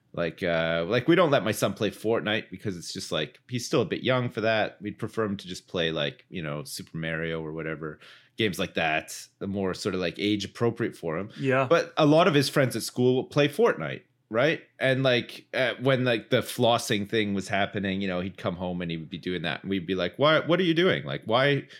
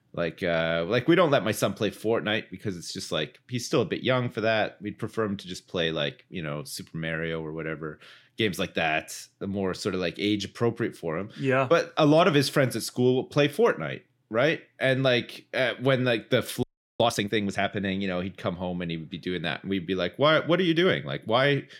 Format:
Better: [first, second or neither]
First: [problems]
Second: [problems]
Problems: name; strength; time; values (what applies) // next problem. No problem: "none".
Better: first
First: none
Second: audio freezing; at 17 s